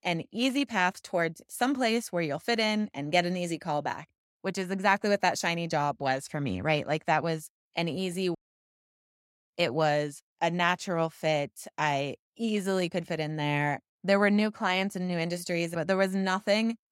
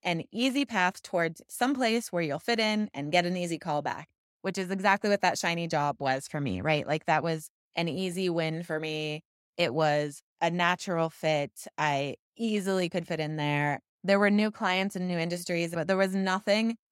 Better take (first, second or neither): second